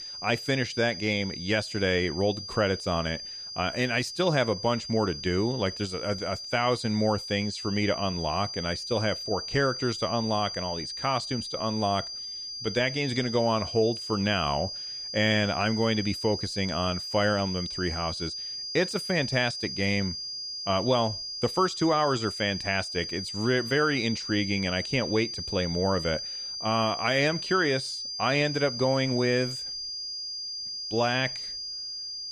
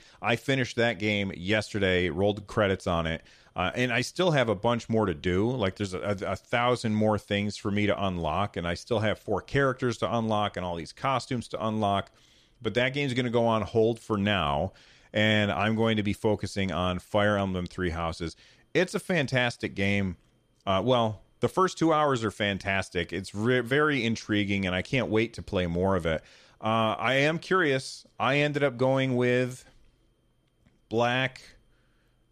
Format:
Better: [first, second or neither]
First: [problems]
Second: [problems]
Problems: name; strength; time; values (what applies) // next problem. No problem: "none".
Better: second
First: high-pitched whine; loud; throughout; 5 kHz, 6 dB below the speech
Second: none